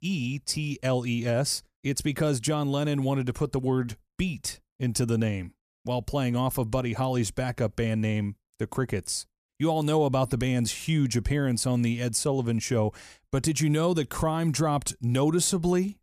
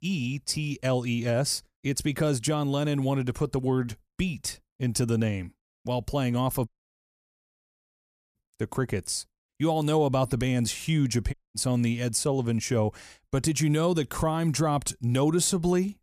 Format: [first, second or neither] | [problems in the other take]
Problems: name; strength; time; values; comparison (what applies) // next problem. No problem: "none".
first | audio cutting out; at 6.5 s for 1.5 s and at 11 s